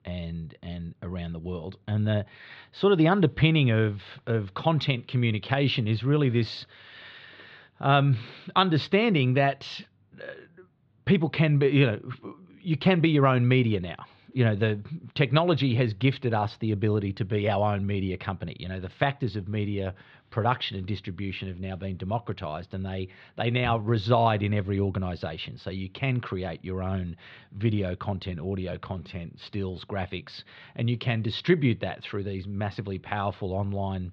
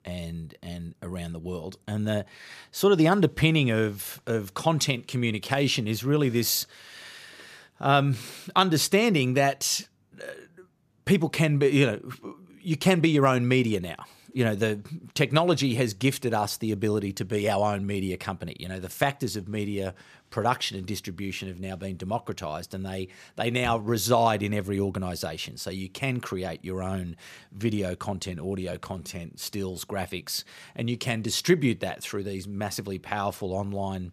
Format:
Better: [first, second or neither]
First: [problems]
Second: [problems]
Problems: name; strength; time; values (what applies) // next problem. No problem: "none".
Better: second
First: muffled; slightly; fading above 4 kHz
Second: none